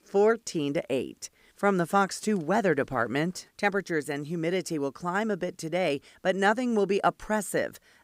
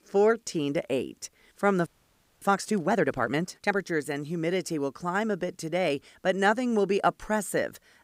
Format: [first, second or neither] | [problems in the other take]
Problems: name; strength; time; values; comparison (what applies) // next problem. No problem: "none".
first | audio freezing; at 2 s for 0.5 s